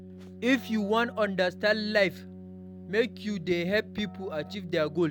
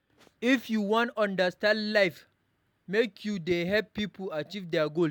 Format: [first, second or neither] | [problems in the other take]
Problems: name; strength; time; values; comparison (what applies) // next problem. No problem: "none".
second | background sound (Keyboard (musical)); 15 dB below the speech